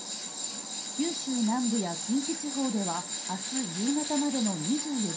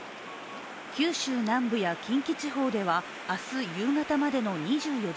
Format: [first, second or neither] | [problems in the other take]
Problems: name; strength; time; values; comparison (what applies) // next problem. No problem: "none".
second | background sound (Tools); 4 dB below the speech // room echo; dies away in 0.3 s